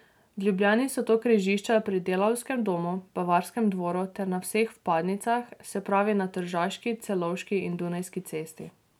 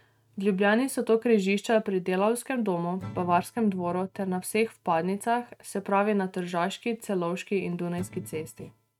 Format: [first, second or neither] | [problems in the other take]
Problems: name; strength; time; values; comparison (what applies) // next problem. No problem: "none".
first | noise reduction (neural mask model RNNoise)